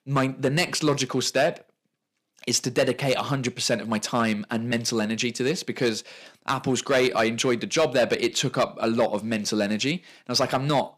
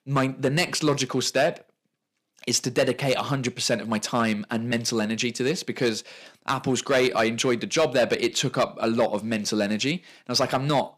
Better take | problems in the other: neither | distortion; slight; 3% of the sound clipped; the same in both

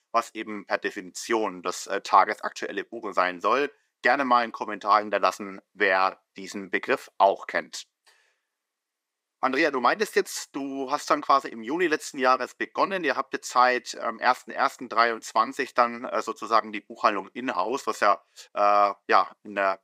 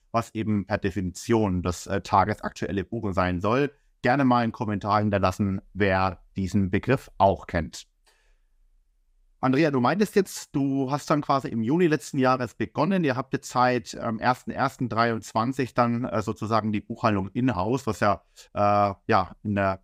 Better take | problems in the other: second | thin; somewhat; fading below 350 Hz

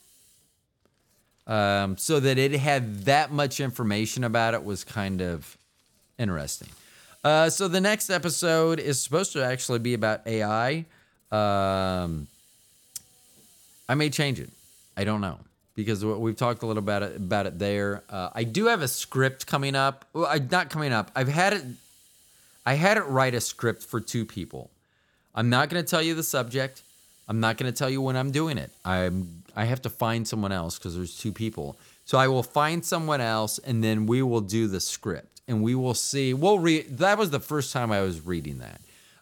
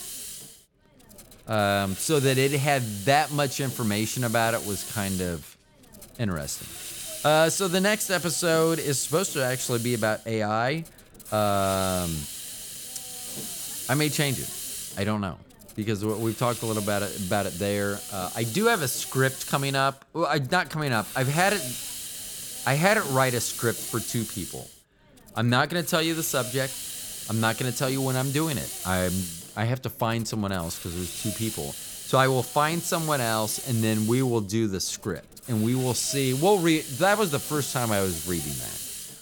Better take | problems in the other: first | hiss; loud; throughout; 8 dB below the speech; faint in the first

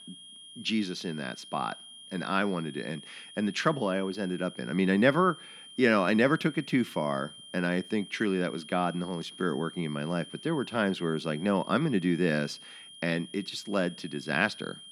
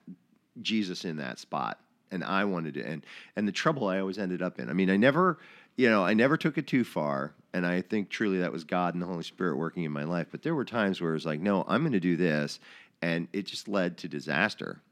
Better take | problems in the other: second | high-pitched whine; noticeable; throughout; 3 kHz, 15 dB below the speech

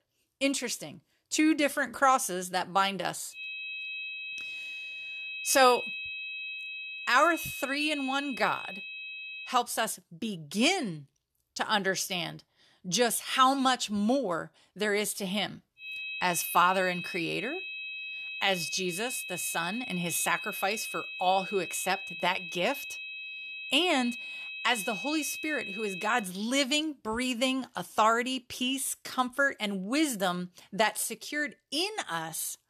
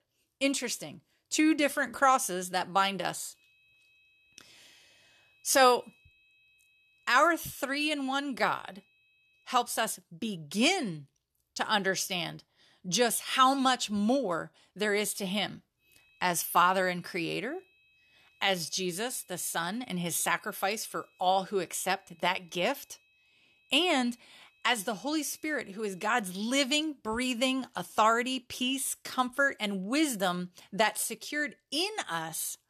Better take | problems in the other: second | high-pitched whine; loud; from 3.5 to 9.5 s and from 16 to 26 s; 2.5 kHz, 8 dB below the speech; faint in the second

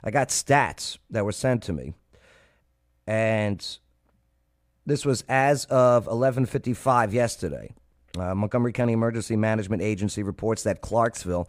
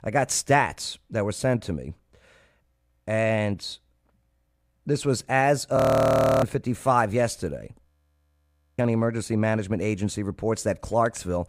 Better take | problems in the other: first | audio freezing; at 6 s for 0.5 s and at 8 s for 1 s

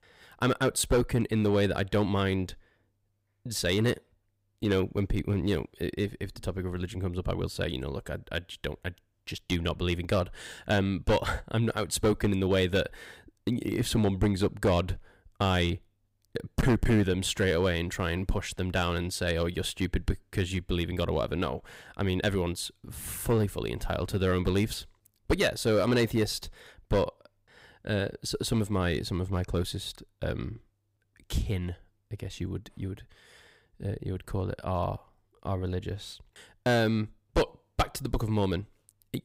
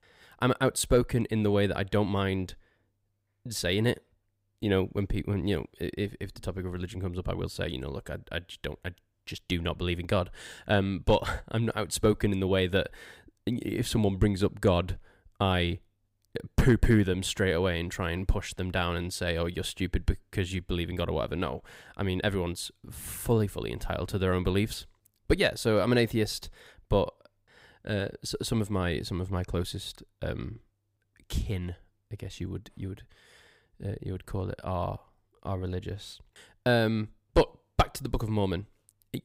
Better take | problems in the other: second | distortion; slight; 3% of the sound clipped

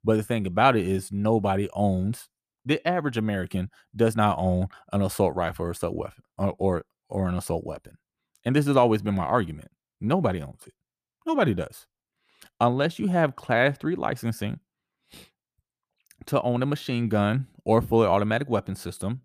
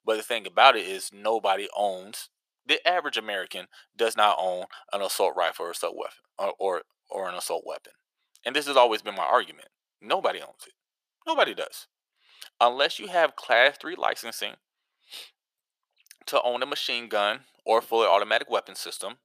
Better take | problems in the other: first | thin; very; fading below 550 Hz

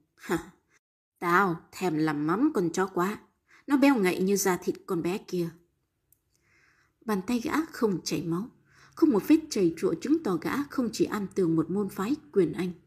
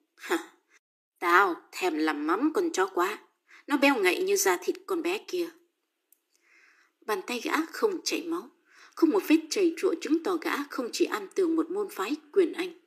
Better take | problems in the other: first | thin; somewhat; fading below 300 Hz

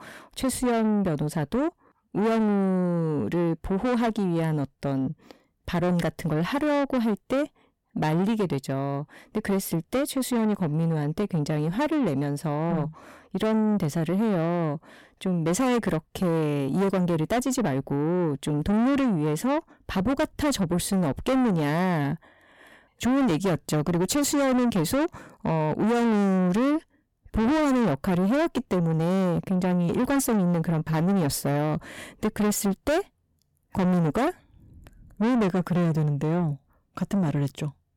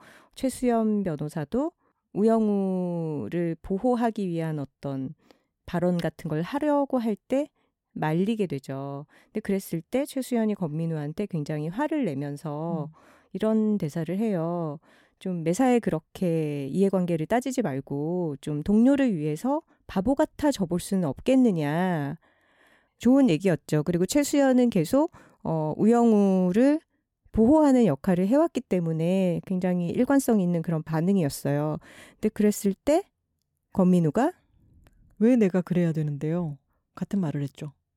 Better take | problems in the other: second | distortion; heavy; 6 dB below the speech

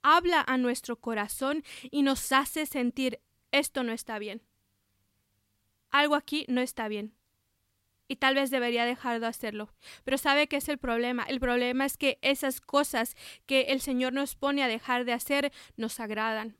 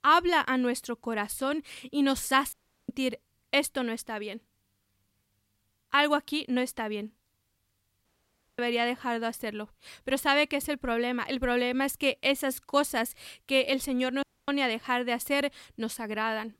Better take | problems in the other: first | audio cutting out; at 2.5 s, at 8 s for 0.5 s and at 14 s

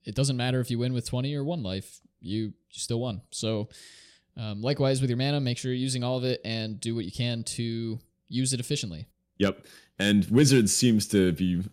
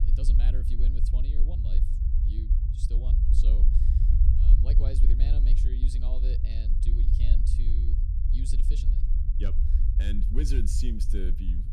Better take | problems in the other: first | low rumble; loud; throughout; 2 dB below the speech

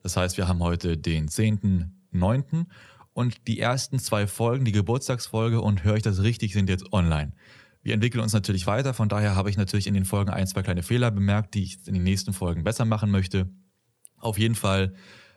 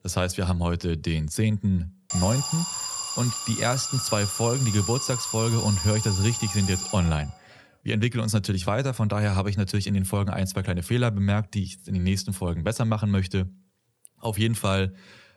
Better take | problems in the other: first | alarm; noticeable; from 2 to 7 s; peak 2 dB below the speech

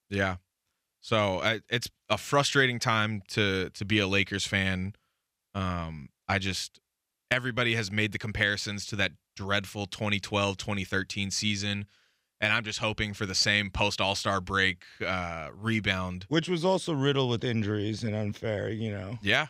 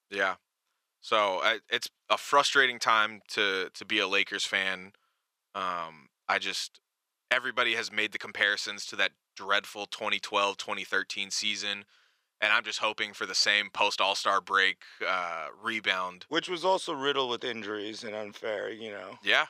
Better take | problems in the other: first | thin; very; fading below 450 Hz

